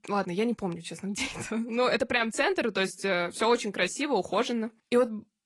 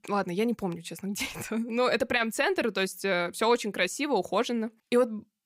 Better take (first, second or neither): second